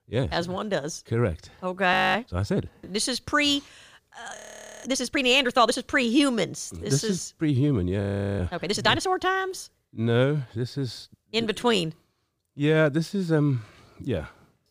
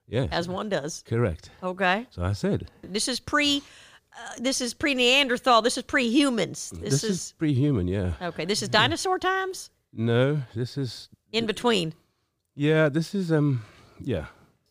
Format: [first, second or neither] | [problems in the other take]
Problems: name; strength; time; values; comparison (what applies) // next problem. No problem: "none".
second | audio freezing; at 2 s, at 4.5 s and at 8 s